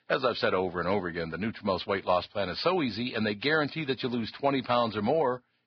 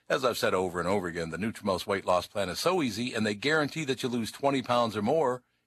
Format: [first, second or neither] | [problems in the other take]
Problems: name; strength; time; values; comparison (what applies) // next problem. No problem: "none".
second | garbled, watery; badly; slightly in the second